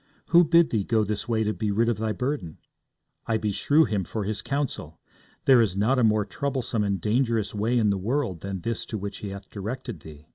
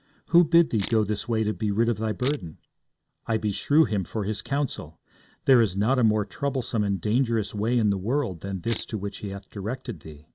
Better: first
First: none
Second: background sound (Camera); 17 dB below the speech

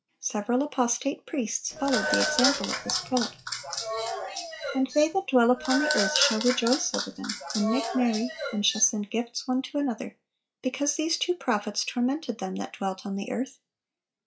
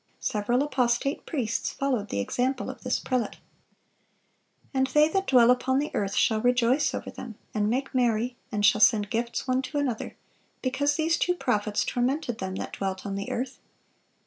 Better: second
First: noise reduction (classical method log-MMSE)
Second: none

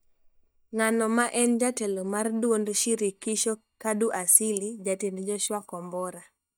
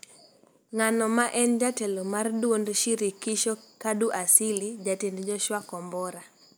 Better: second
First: noise reduction (neural mask model DeepFilterNet 3)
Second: none

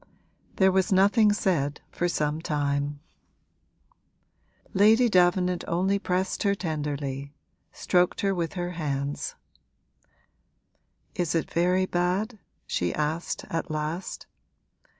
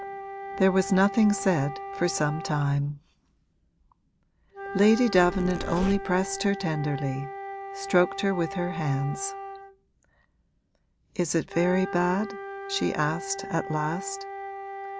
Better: first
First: none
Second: background sound (Wind instrument, woodwind instrument + Zipper (clothing)); 10 dB below the speech

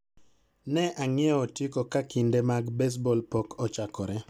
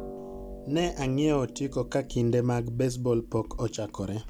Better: first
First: none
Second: background sound (Harp); 13 dB below the speech

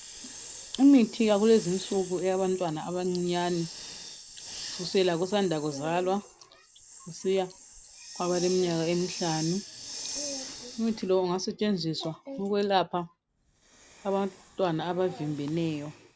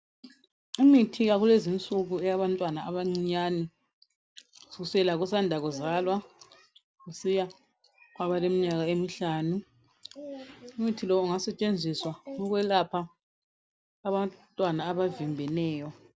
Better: second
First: background sound (Hiss); 15 dB below the speech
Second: none

